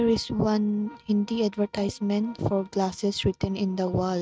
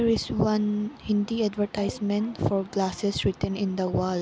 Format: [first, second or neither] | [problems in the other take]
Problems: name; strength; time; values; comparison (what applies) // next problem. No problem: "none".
second | noise reduction (neural mask model RNNoise)